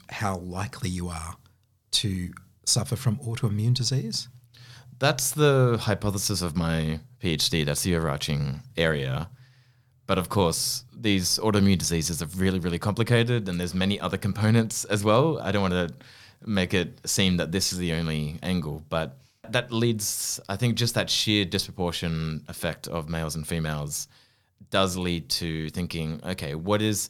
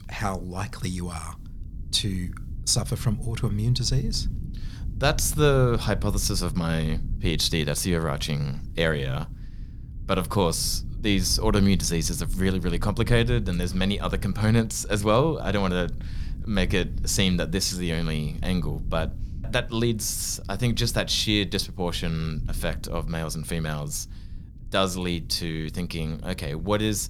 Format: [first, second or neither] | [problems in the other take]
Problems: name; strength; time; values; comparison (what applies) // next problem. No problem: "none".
first | low rumble; faint; throughout; 20 dB below the speech